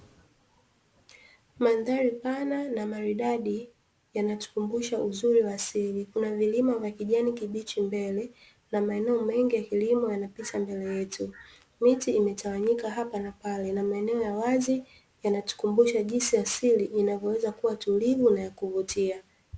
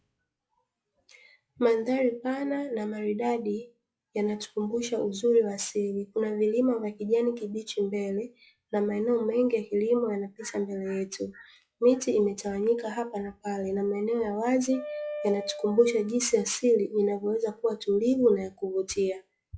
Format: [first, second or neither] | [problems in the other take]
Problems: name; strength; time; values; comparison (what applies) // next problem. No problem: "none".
first | noise reduction (classical method log-MMSE)